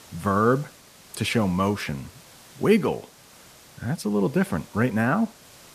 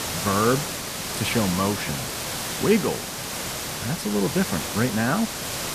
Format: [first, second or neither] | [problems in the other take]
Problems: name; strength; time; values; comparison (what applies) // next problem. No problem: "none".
first | hiss; loud; throughout; 3 dB below the speech; faint in the first